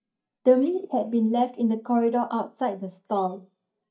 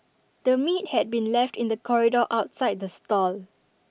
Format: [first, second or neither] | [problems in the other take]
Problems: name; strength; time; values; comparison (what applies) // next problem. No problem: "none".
second | noise reduction (neural mask model DeepFilterNet 3)